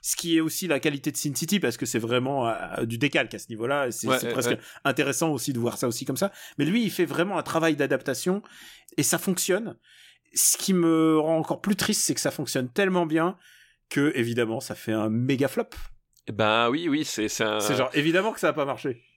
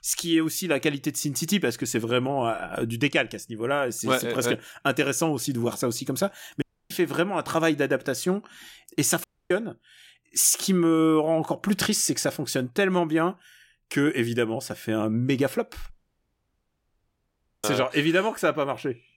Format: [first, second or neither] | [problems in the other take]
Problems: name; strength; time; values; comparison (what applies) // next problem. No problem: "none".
first | audio cutting out; at 6.5 s, at 9 s and at 16 s for 1.5 s